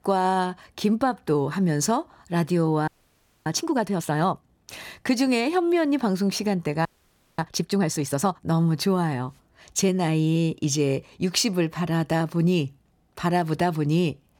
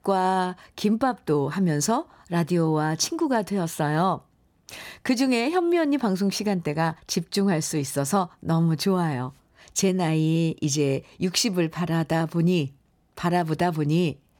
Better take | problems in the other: second | audio freezing; at 3 s for 0.5 s and at 7 s for 0.5 s

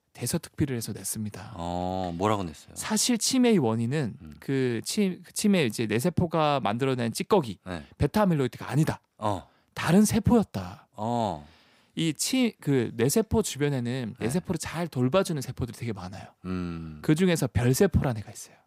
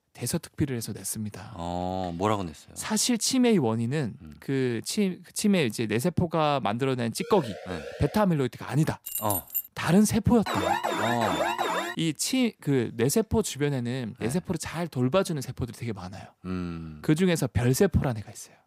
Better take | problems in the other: first | siren; faint; at 7 s; peak 10 dB below the speech // jangling keys; noticeable; at 9 s; peak 2 dB below the speech // alarm; loud; from 10 to 12 s; peak level with the speech

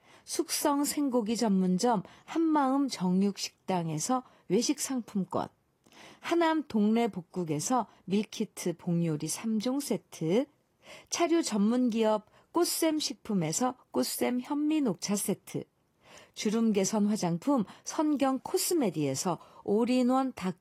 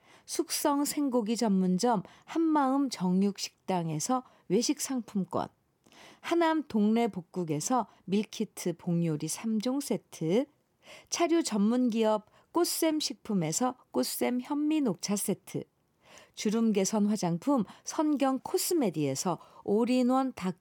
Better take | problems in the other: second | garbled, watery; slightly

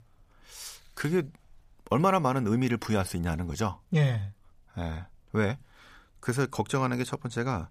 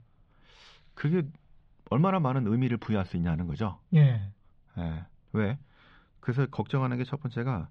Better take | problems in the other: first | muffled; slightly; fading above 3.5 kHz

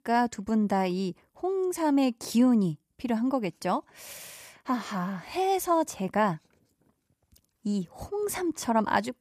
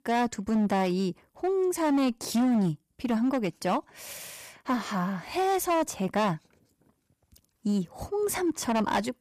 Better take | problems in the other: first | distortion; slight; 9% of the sound clipped

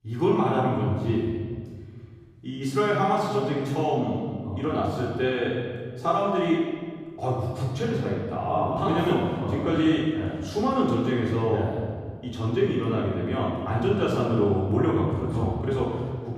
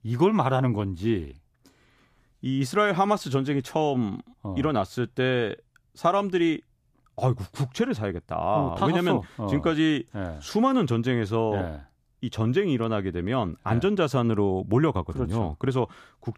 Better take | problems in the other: second | off-mic speech; far // room echo; noticeable; dies away in 1.7 s

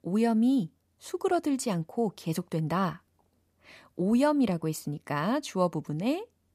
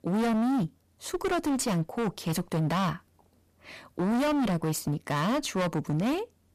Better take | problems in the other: first | distortion; heavy; 27% of the sound clipped

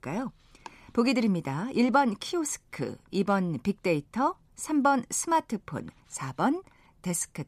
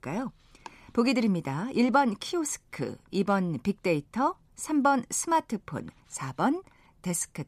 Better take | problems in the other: neither | none

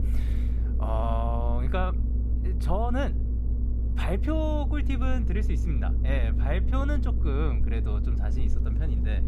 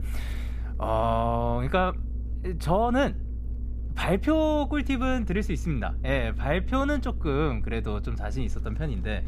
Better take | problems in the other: second | low rumble; loud; throughout; 10 dB below the speech; faint in the second

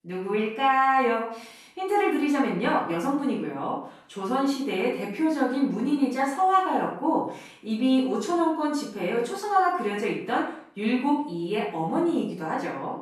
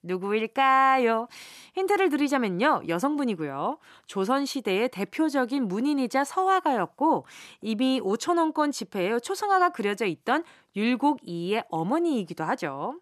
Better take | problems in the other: second | off-mic speech; far // room echo; noticeable; dies away in 0.5 s

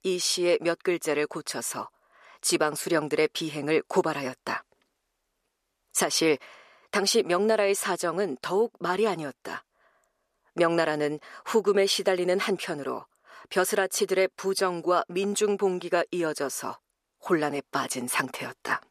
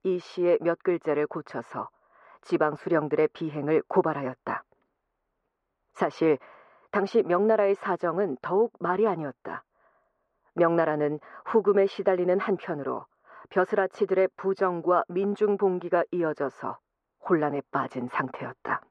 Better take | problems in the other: first | muffled; very; fading above 1 kHz

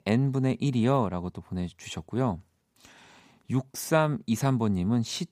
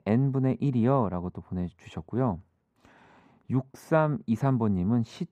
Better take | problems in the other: first | muffled; very; fading above 2.5 kHz

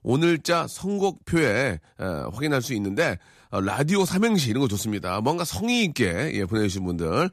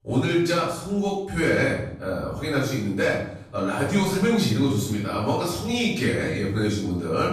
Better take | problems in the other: first | off-mic speech; far // room echo; noticeable; dies away in 0.6 s

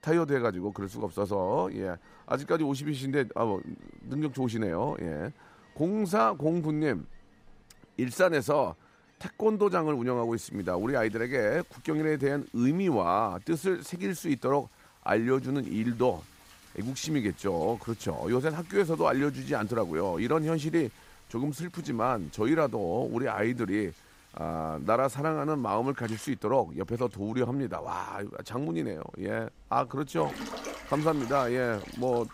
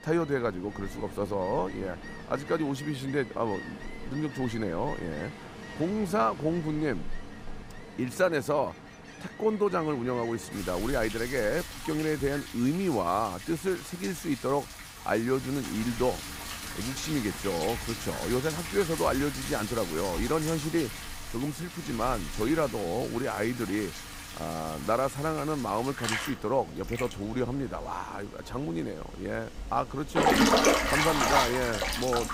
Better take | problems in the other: first | rain or running water; loud; throughout; 3 dB below the speech; faint in the first

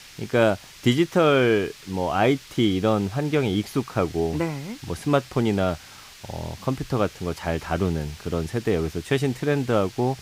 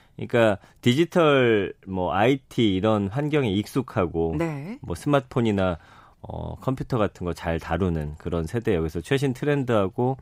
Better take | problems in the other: second | hiss; noticeable; throughout; 20 dB below the speech

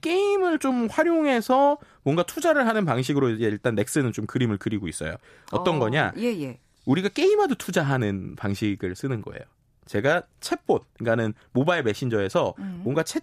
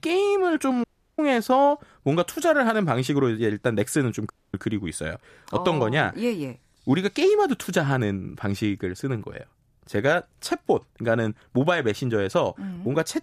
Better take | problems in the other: first | audio cutting out; at 1 s and at 4.5 s

